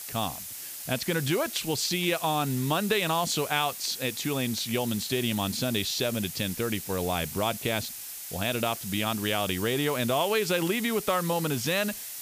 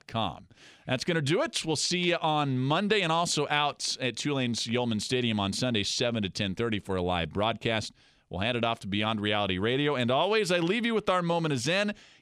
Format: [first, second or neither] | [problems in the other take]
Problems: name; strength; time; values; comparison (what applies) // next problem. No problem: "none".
second | hiss; loud; throughout; 8 dB below the speech